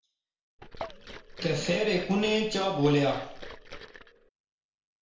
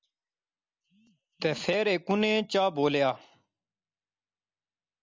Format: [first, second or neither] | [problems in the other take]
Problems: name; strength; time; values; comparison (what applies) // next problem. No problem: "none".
second | background sound (Liquid); 13 dB below the speech // room echo; dies away in 0.5 s